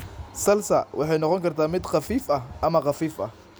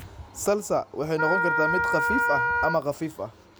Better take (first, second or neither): first